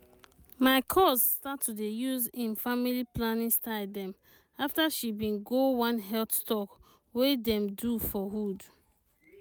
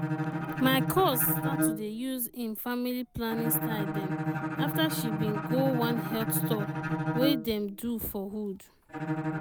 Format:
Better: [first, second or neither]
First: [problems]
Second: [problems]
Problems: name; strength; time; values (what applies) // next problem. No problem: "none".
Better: first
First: none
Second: background sound (Bowed string instrument); 1 dB below the speech